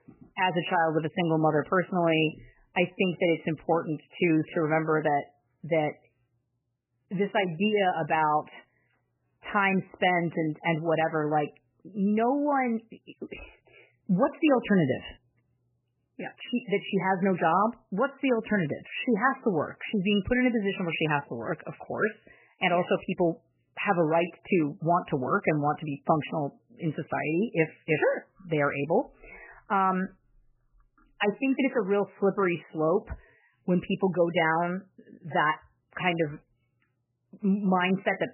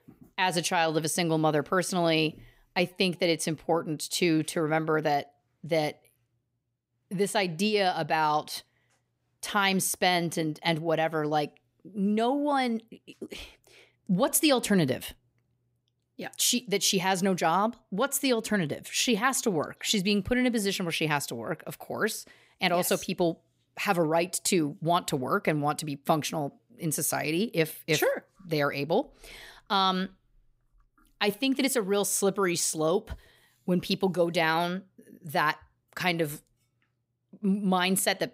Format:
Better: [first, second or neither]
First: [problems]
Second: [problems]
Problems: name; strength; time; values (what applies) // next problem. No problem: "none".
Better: second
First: garbled, watery; badly; nothing above 3 kHz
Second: none